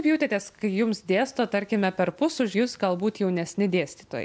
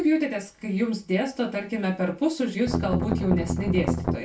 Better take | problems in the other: first | background sound (Strum); as loud as the speech // room echo; dies away in 0.2 s

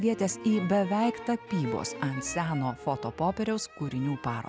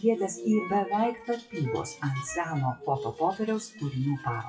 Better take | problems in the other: first | noise reduction (classical method WPE with log-MMSE)

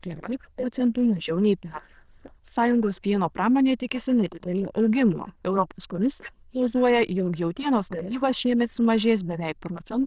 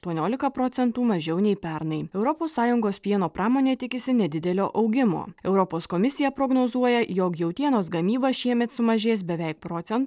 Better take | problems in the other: second | noise reduction (neural diffusion model UNIVERSE++)

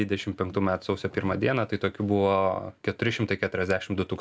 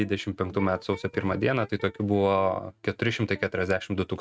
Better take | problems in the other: first | noise reduction (neural mask model RNNoise)

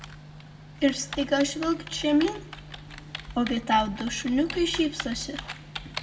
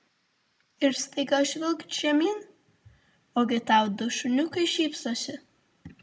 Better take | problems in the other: second | background sound (Typing); 12 dB below the speech // room echo; dies away in 1 s

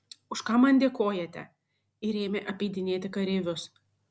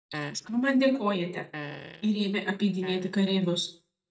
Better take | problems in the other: first | noise reduction (neural mask model DeepFilterNet 3)

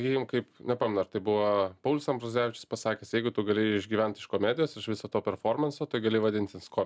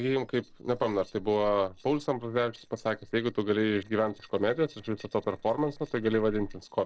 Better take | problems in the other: first | noise reduction (neural separator model SepFormer DNS4)

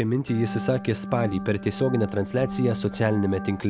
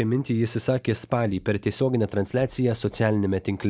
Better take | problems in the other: second | background sound (Organ); 9 dB below the speech

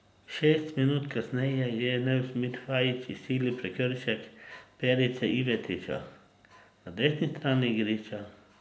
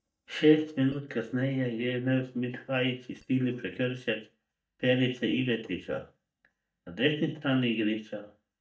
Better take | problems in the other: first | noise reduction (neural mask model DeepFilterNet 3)

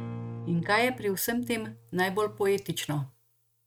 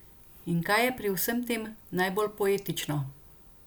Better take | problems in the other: second | noise reduction (neural mask model RNNoise)

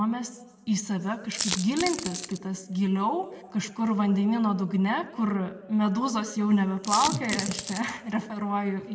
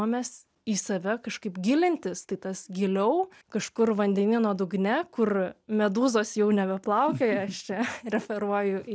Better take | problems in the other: second | background sound (Coin (dropping)); 6 dB below the speech // room echo; dies away in 1.5 s

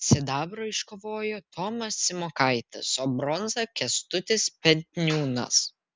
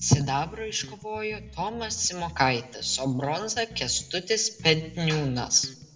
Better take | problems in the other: first | background sound (Bass guitar); 18 dB below the speech // room echo; dies away in 0.6 s

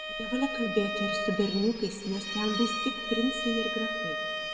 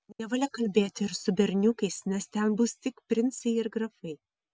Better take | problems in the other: second | background sound (Bowed string instrument); 3 dB below the speech // room echo; dies away in 1.4 s

